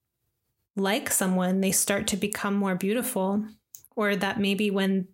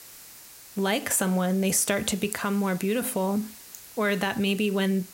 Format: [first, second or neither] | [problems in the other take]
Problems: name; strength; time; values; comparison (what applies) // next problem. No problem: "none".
first | hiss; noticeable; throughout; 20 dB below the speech